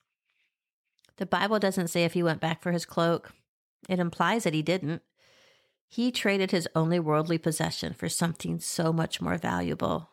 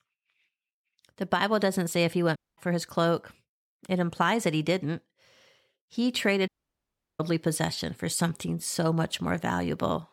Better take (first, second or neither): first